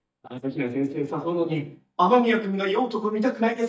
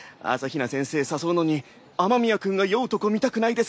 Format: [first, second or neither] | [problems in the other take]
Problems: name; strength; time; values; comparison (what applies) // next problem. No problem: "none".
second | noise reduction (neural mask model DeepFilterNet 3)